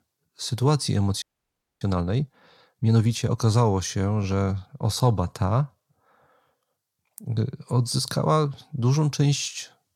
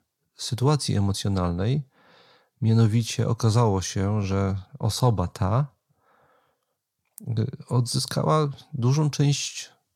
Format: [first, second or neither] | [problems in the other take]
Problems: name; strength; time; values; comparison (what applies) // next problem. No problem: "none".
second | audio freezing; at 1 s for 0.5 s